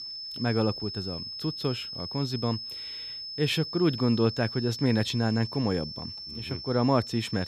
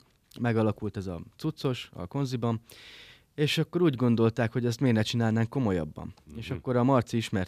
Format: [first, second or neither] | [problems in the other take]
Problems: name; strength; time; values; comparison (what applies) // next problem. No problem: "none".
second | high-pitched whine; loud; throughout; 5 kHz, 7 dB below the speech